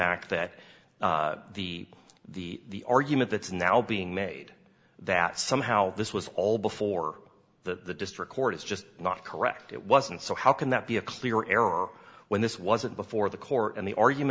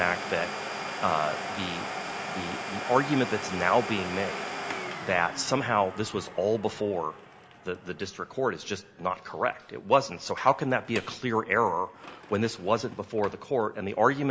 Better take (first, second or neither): first